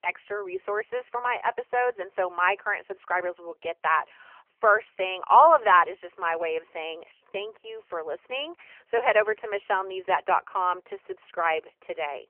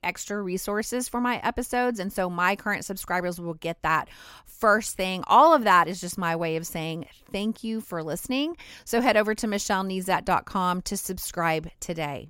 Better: second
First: phone-call audio; poor line; nothing above 3 kHz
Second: none

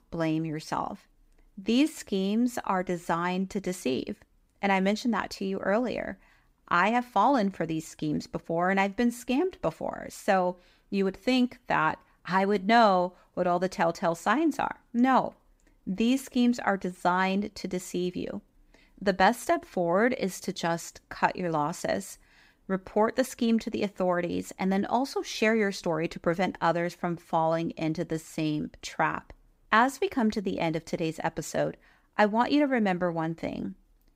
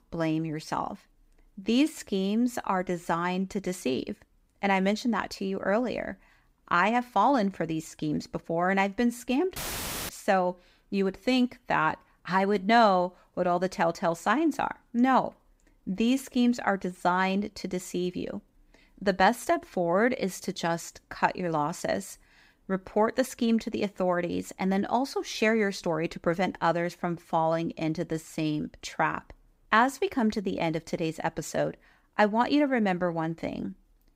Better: first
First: none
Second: audio cutting out; filled with static; at 9.5 s for 0.5 s

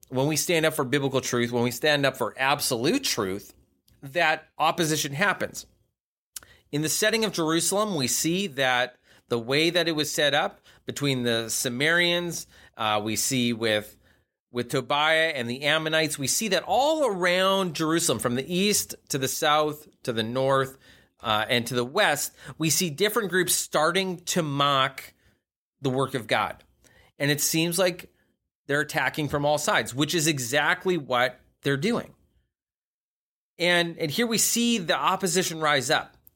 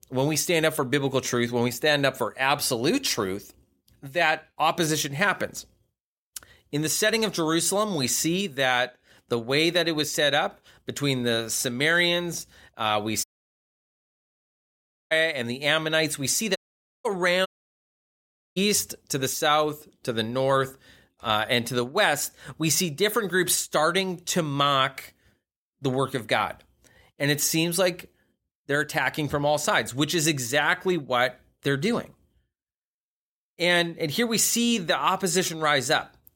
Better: first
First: none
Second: audio cutting out; at 13 s for 2 s and at 17 s for 1 s

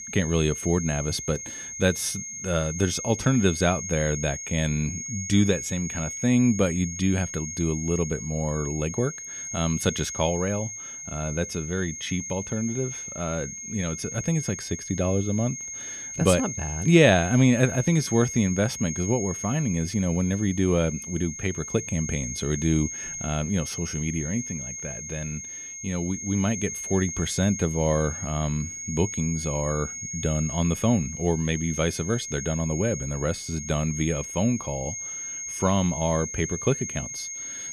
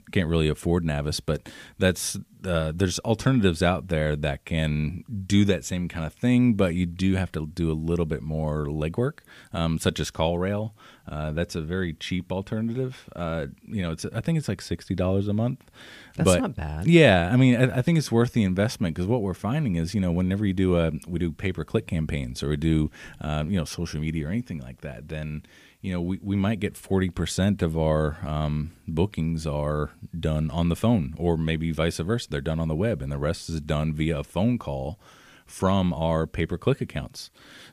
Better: second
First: high-pitched whine; loud; throughout; 6.5 kHz, 7 dB below the speech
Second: none

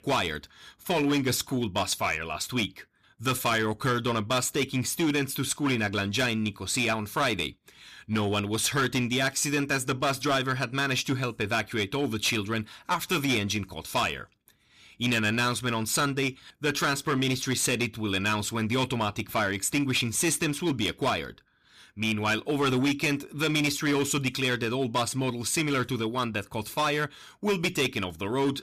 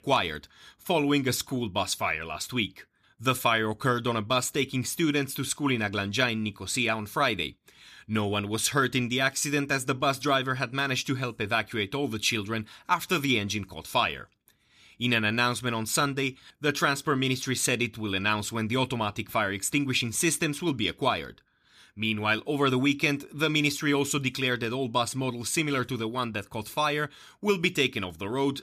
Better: second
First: distortion; slight; 8% of the sound clipped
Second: none

